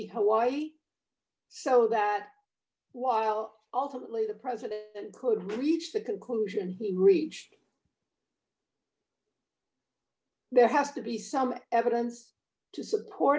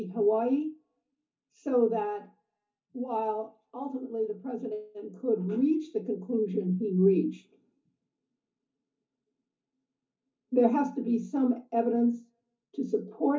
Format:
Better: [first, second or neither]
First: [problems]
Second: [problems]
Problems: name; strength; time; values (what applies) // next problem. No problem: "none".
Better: first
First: none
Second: room echo; dies away in 0.3 s